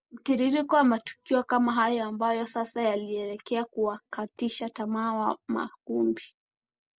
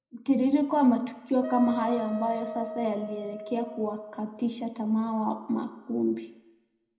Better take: first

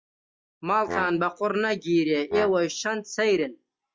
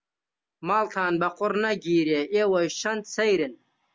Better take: second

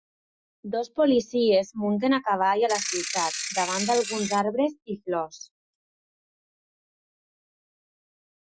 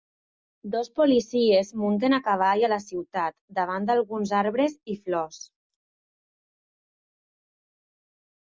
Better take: second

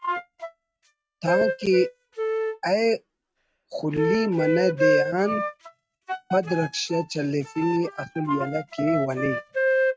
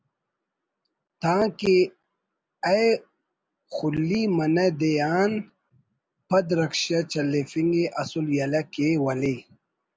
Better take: second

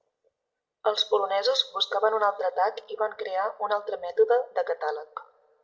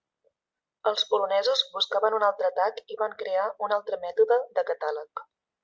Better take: second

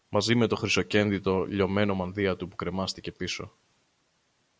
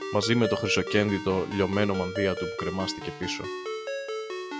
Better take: first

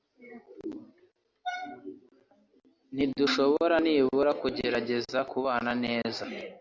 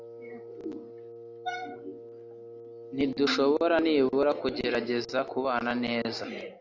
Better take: first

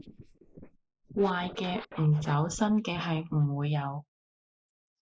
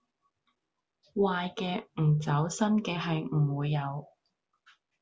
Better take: second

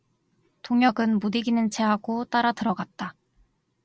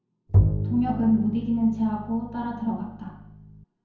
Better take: first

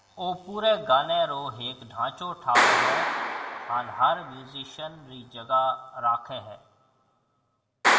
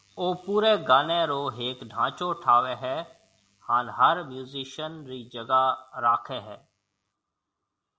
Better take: second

